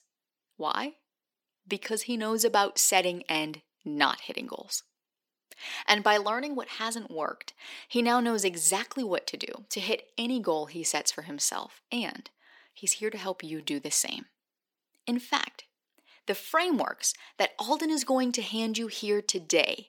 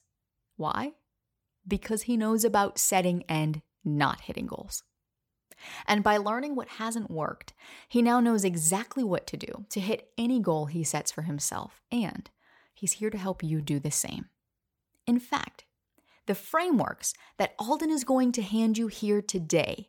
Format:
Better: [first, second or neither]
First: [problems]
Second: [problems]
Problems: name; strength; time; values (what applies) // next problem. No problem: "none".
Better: second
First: thin; very slightly; fading below 250 Hz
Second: none